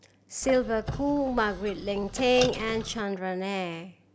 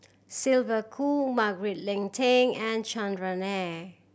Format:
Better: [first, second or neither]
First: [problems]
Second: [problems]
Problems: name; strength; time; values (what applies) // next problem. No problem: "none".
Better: second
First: background sound (Squeak); 10 dB below the speech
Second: none